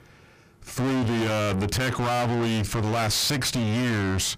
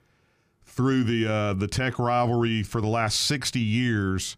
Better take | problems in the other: second | distortion; heavy; 5 dB below the speech

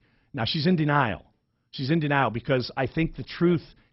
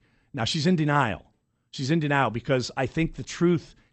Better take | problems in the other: second | garbled, watery; badly; nothing above 5.5 kHz; slightly in the second

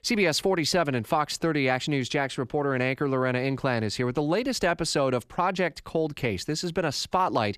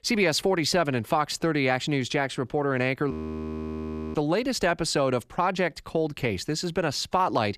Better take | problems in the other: first | audio freezing; at 3 s for 1 s

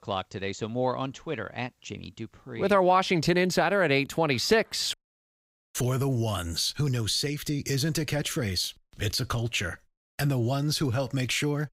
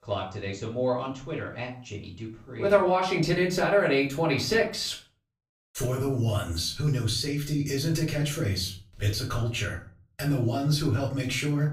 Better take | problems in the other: first | off-mic speech; far // room echo; slight; dies away in 0.3 s

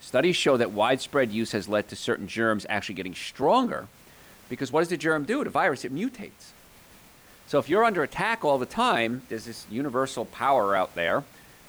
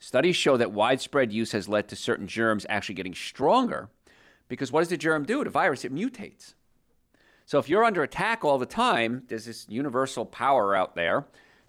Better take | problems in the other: second | hiss; faint; throughout; 25 dB below the speech

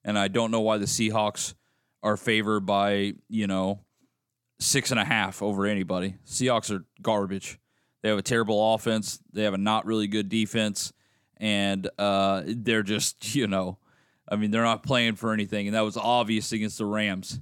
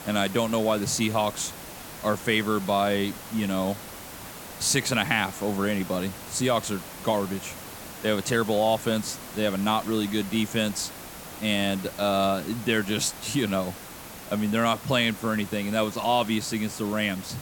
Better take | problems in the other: first | hiss; noticeable; throughout; 15 dB below the speech

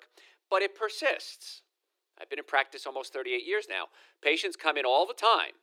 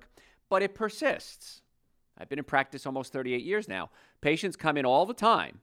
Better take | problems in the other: second | thin; very; fading below 350 Hz

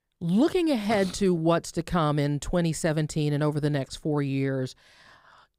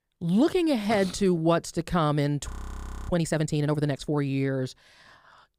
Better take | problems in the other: first | audio freezing; at 2.5 s for 0.5 s

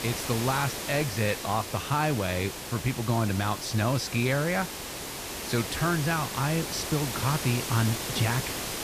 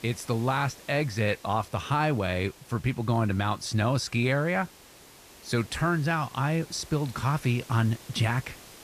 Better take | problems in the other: second | hiss; loud; throughout; 5 dB below the speech; faint in the second

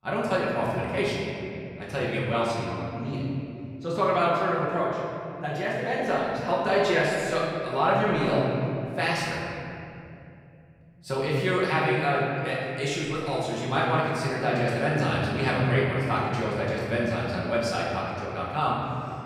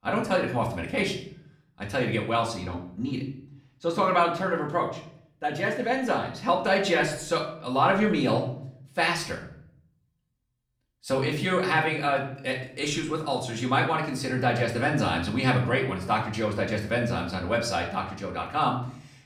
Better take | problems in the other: second | room echo; strong; dies away in 2.9 s; slight in the second // off-mic speech; far; far in the second

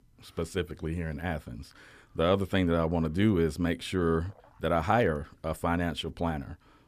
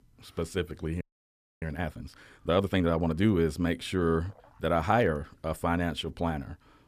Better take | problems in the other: first | audio freezing; at 1 s for 0.5 s

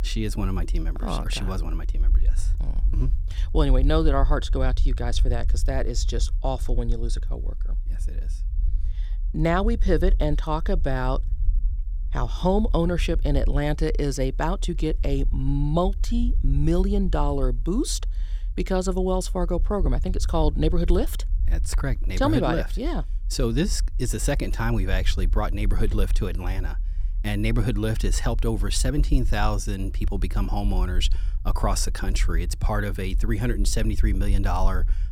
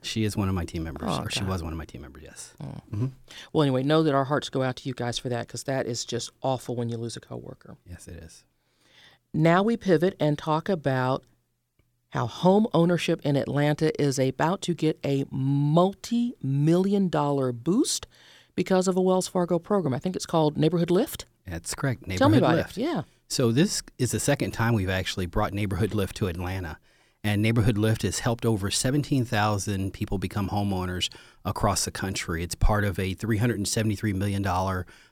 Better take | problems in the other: second | low rumble; faint; throughout; 20 dB below the speech

